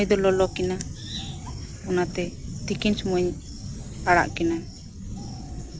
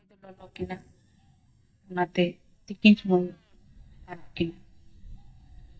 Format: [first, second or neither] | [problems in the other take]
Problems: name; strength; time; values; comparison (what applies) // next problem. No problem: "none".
first | noise reduction (neural mask model DeepFilterNet 3)